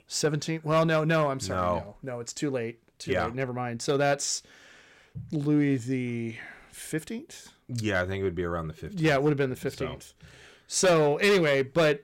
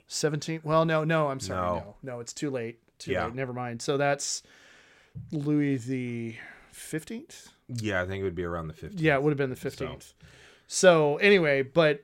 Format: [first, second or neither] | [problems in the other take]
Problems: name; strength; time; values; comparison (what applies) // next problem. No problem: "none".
second | distortion; slight; 3% of the sound clipped